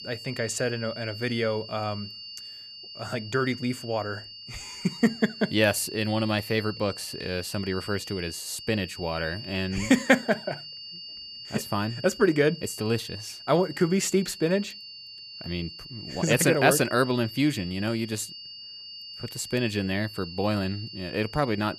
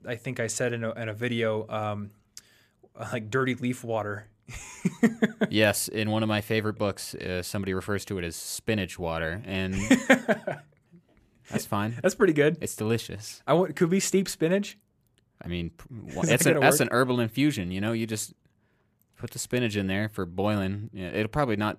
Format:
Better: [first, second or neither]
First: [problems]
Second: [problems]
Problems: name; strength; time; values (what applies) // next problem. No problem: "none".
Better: second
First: high-pitched whine; noticeable; throughout; 4.5 kHz, 10 dB below the speech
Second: none